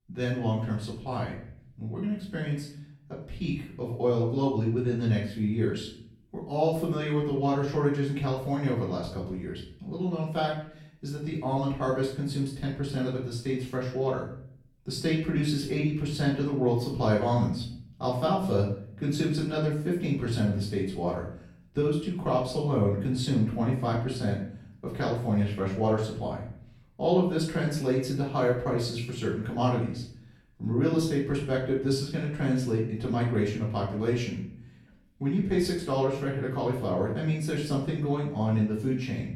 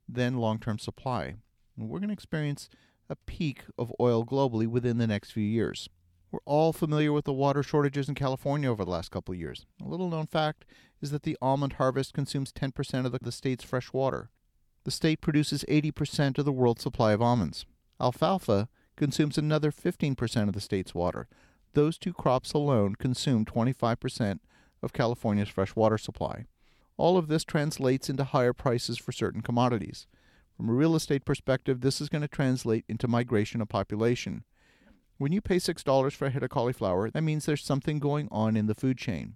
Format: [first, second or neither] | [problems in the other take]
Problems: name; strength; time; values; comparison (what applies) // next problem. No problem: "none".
second | off-mic speech; far // room echo; noticeable; dies away in 0.5 s